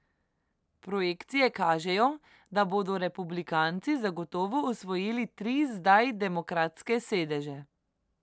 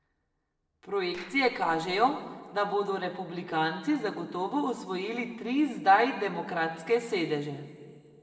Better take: first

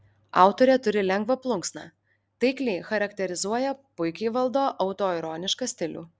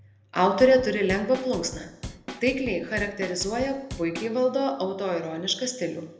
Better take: first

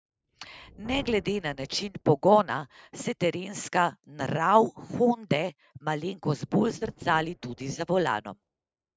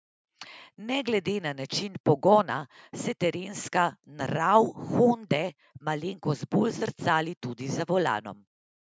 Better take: second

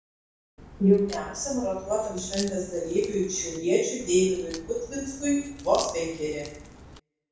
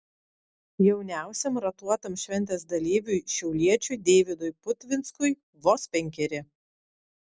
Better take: second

